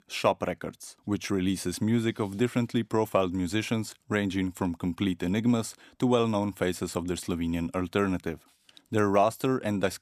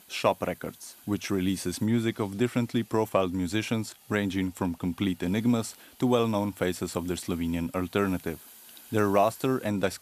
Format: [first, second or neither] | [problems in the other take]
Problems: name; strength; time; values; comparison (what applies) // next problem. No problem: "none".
first | hiss; faint; throughout; 25 dB below the speech